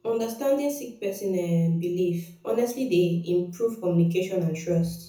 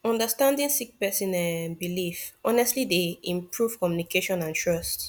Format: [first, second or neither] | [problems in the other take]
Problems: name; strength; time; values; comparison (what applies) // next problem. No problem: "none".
second | room echo; dies away in 0.5 s